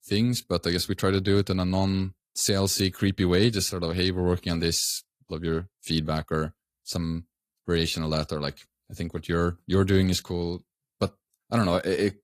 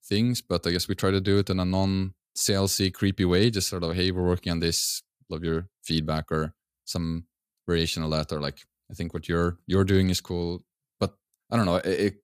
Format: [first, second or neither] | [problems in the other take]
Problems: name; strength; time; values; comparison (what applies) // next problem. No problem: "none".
second | garbled, watery; slightly; nothing above 15 kHz